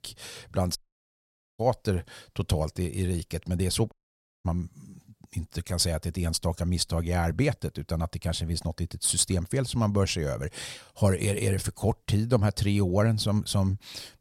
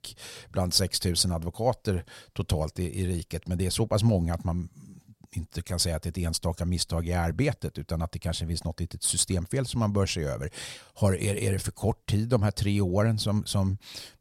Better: second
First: audio cutting out; at 1 s for 1 s and at 4 s for 0.5 s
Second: none

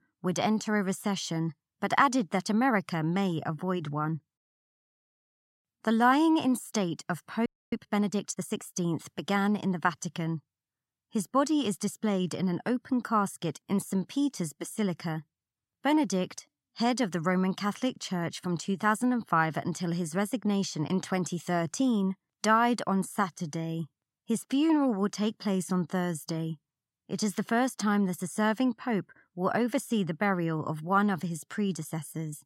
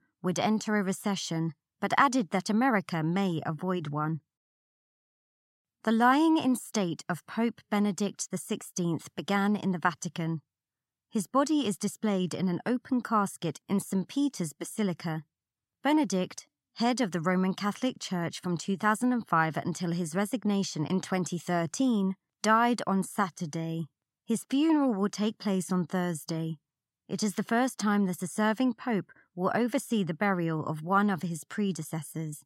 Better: second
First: audio freezing; at 7.5 s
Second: none

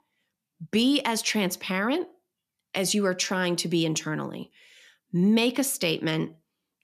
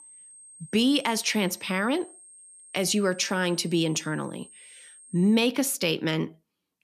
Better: first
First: none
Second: high-pitched whine; faint; until 5.5 s; 8.5 kHz, 20 dB below the speech

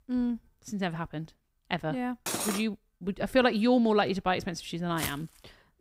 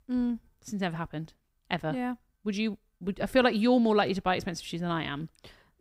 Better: second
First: clattering dishes; noticeable; at 2.5 s; peak 1 dB below the speech // footsteps; noticeable; at 5 s; peak 8 dB below the speech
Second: none

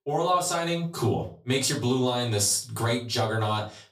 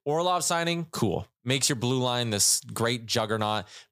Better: second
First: off-mic speech; far // room echo; very slight; dies away in 0.3 s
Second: none

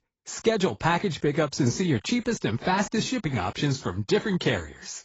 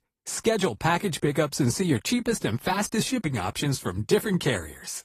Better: second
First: garbled, watery; badly; nothing above 7.5 kHz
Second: garbled, watery; slightly; nothing above 14.5 kHz

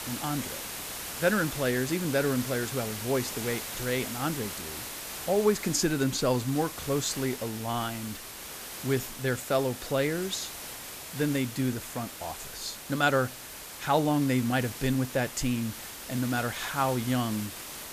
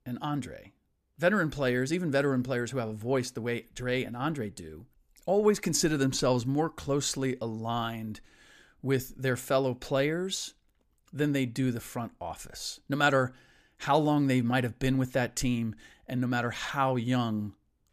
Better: second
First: hiss; loud; throughout; 8 dB below the speech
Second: none

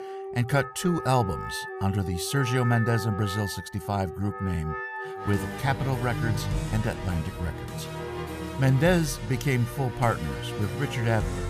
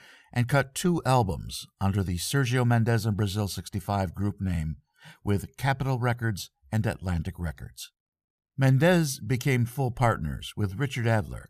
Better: second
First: background music; loud; throughout; 7 dB below the speech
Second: none

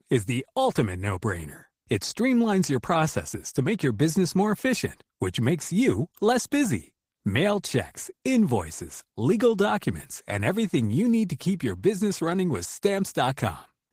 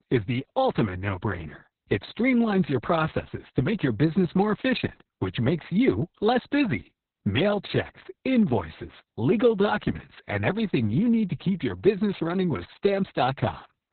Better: first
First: garbled, watery; slightly; nothing above 15.5 kHz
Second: garbled, watery; badly; nothing above 4 kHz

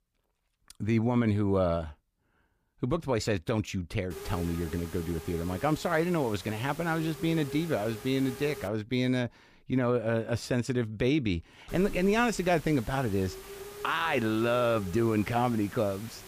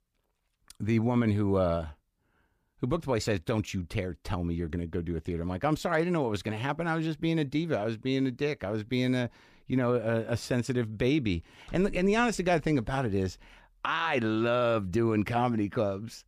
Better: second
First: hiss; noticeable; from 4 to 8.5 s and from 12 s on; 15 dB below the speech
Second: none

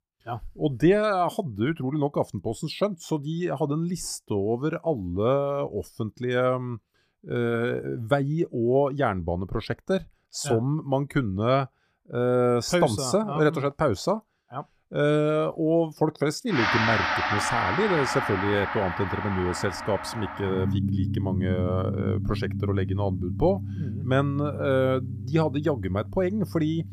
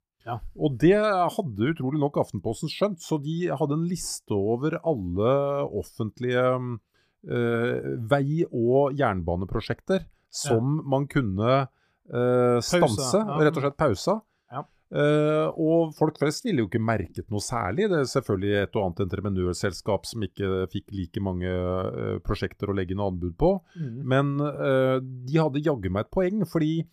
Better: second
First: background music; loud; from 17 s on; 3 dB below the speech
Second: none

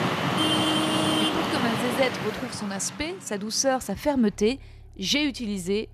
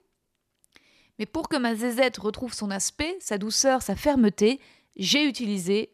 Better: second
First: traffic noise; very loud; throughout; 2 dB above the speech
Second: none

